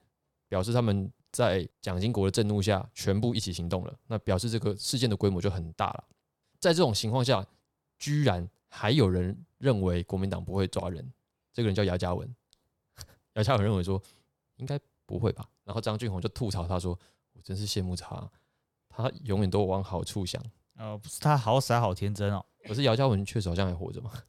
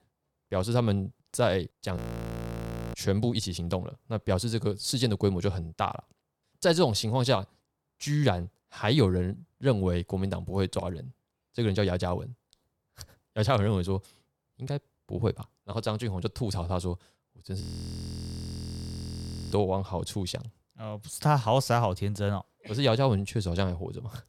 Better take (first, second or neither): first